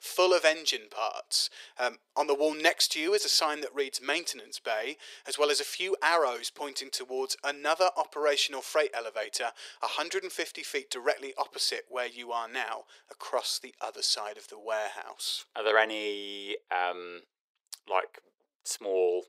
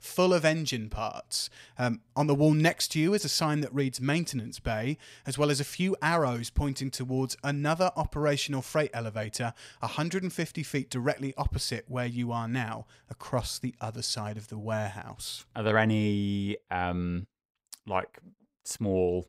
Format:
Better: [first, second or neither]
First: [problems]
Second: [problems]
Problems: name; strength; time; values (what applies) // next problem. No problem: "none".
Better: second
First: thin; very; fading below 400 Hz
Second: none